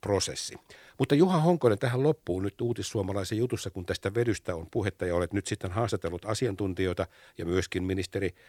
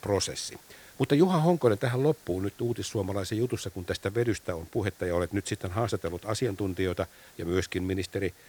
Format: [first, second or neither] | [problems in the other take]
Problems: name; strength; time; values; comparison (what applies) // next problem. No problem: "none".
first | hiss; faint; throughout; 25 dB below the speech